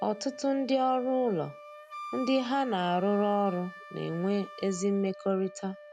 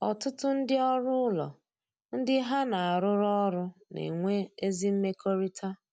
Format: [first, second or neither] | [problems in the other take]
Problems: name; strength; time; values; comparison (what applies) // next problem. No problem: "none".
second | background sound (Wind instrument, woodwind instrument); 16 dB below the speech